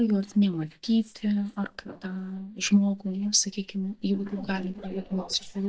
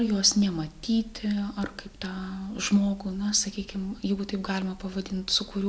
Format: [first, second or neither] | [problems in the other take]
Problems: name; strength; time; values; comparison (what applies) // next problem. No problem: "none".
second | noise reduction (neural mask model DeepFilterNet 3)